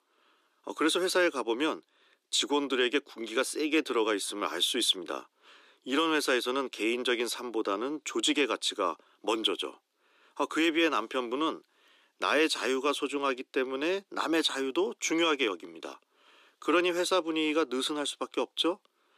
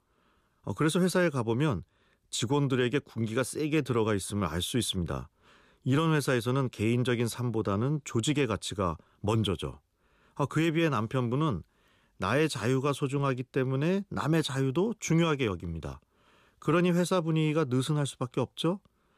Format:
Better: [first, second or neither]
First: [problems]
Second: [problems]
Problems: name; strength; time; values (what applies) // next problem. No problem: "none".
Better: second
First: thin; somewhat; fading below 300 Hz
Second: none